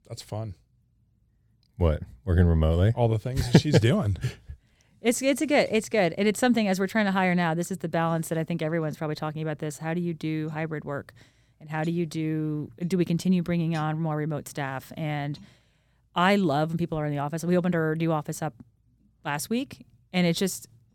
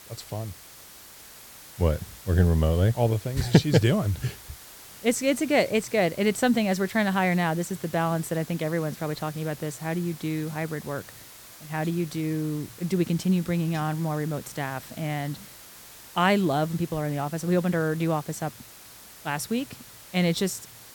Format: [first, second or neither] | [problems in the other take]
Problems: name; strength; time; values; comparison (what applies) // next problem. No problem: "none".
first | hiss; noticeable; throughout; 15 dB below the speech